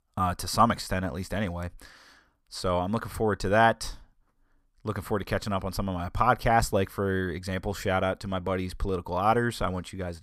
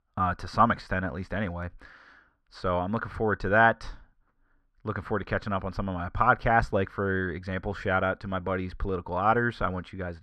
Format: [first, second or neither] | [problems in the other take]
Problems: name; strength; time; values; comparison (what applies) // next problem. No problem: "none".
first | muffled; slightly; fading above 3 kHz